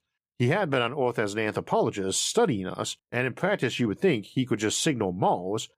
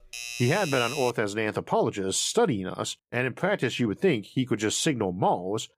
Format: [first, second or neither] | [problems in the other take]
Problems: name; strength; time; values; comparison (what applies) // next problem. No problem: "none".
first | doorbell; noticeable; until 1 s; peak 6 dB below the speech